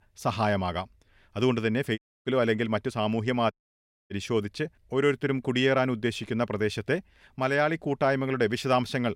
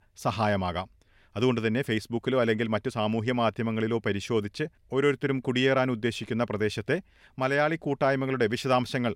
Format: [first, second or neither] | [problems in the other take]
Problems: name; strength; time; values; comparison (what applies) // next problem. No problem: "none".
second | audio cutting out; at 2 s and at 3.5 s for 0.5 s